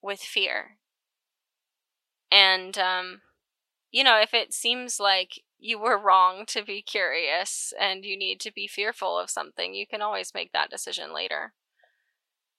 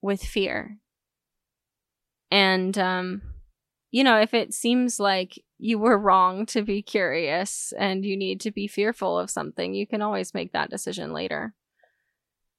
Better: second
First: thin; very; fading below 750 Hz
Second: none

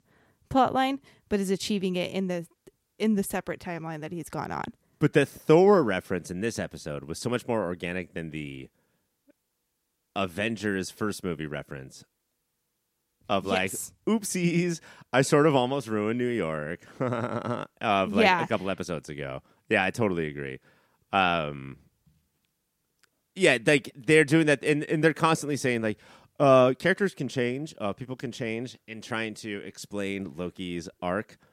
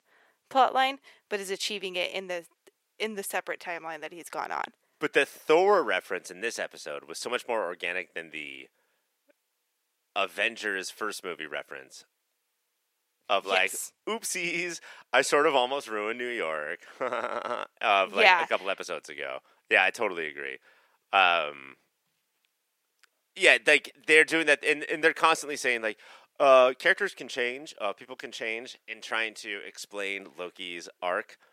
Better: first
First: none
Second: thin; very; fading below 550 Hz

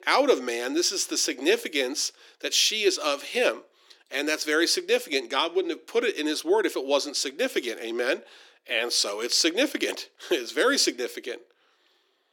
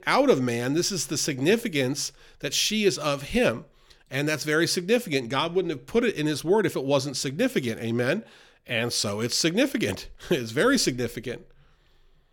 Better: second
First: thin; somewhat; fading below 300 Hz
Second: none

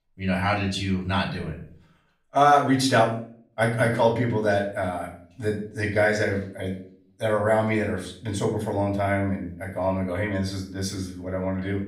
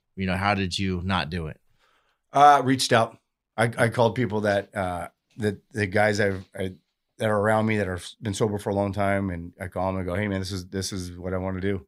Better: second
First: off-mic speech; far // room echo; slight; dies away in 0.4 s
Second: none

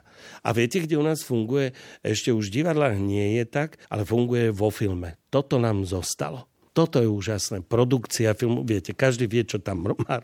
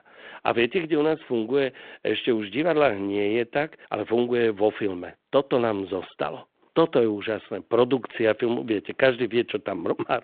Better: first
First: none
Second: phone-call audio

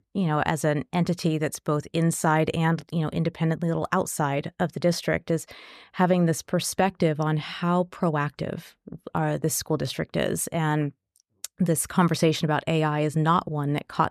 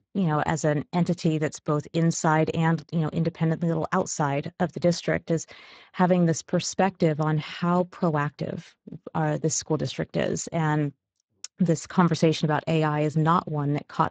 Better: first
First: none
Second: garbled, watery; badly; nothing above 7.5 kHz

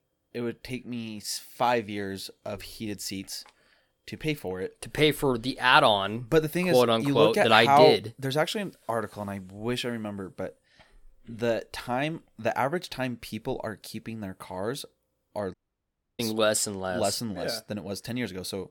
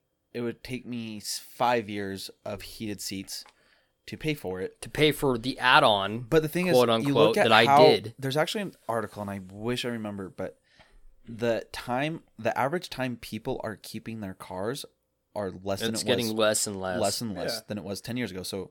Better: second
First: audio cutting out; at 16 s for 0.5 s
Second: none

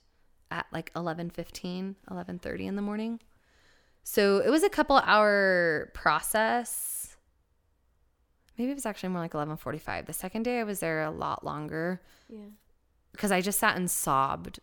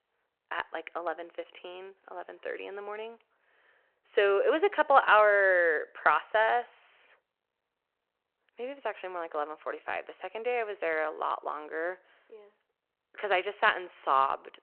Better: first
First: none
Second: phone-call audio

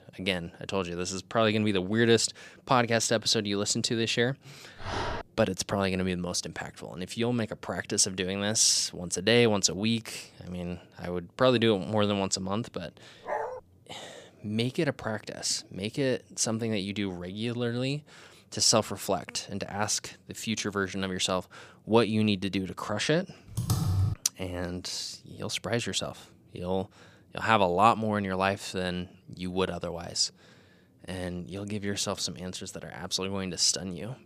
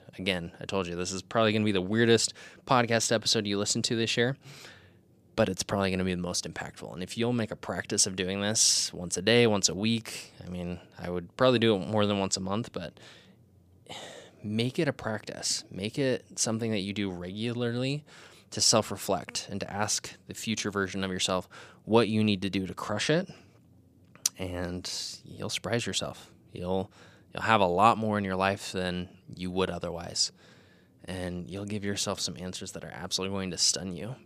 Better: second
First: dog barking; noticeable; at 5 s and at 13 s; peak 5 dB below the speech // keyboard typing; loud; at 24 s; peak 1 dB above the speech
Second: none

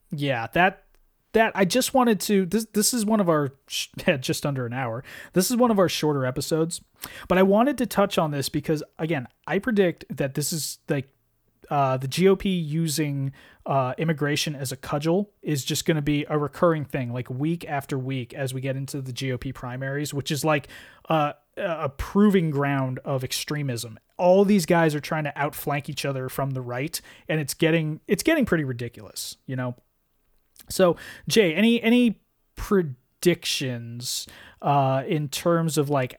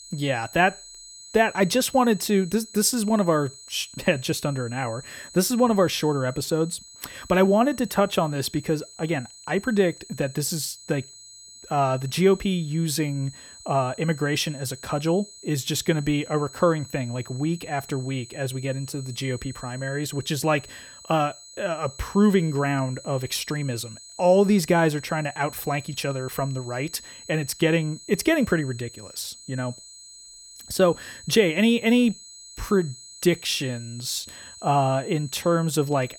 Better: first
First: none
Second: high-pitched whine; noticeable; throughout; 4 kHz, 20 dB below the speech

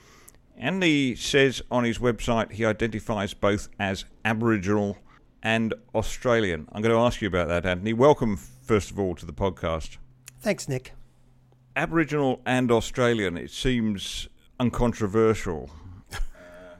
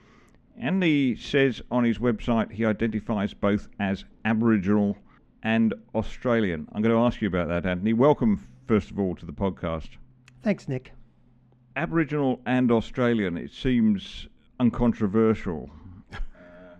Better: first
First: none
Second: muffled; slightly; fading above 3 kHz

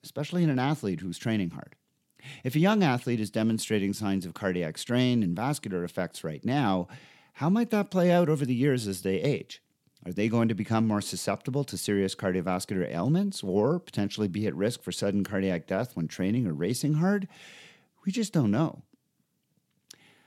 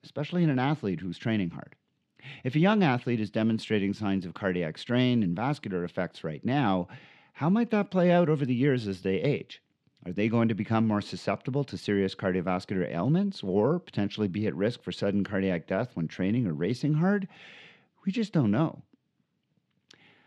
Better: first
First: none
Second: muffled; very slightly; fading above 3 kHz

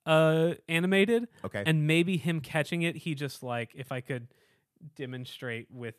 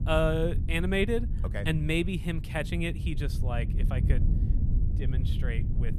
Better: first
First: none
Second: low rumble; noticeable; throughout; 15 dB below the speech

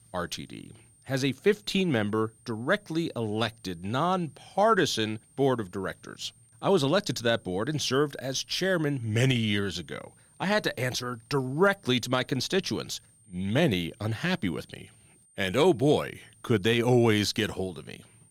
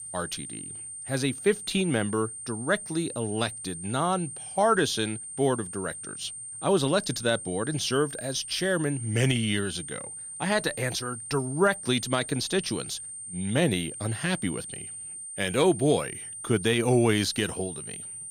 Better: first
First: high-pitched whine; faint; throughout; 8.5 kHz, 30 dB below the speech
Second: high-pitched whine; loud; throughout; 8.5 kHz, 9 dB below the speech

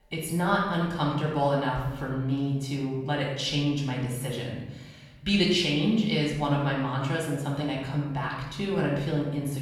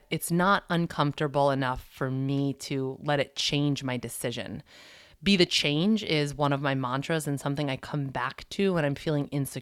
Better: second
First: off-mic speech; far // room echo; noticeable; dies away in 1 s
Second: none

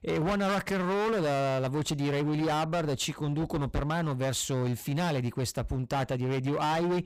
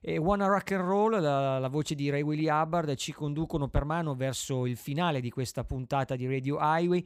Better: second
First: distortion; heavy; 27% of the sound clipped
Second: none

